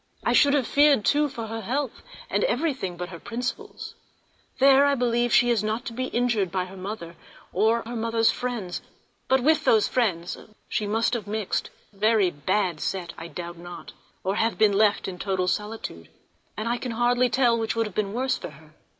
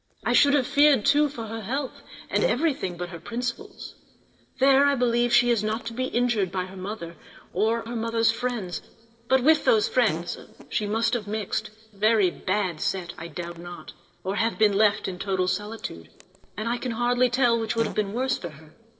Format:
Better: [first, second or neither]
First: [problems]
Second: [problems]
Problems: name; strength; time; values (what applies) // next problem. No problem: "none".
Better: first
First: none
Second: noise reduction (neural separator model SepFormer DNS4)